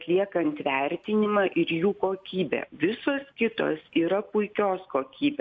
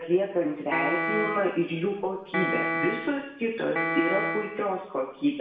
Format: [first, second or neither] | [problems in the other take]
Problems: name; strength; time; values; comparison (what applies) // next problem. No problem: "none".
first | background sound (Piano); 1 dB below the speech // room echo; dies away in 0.8 s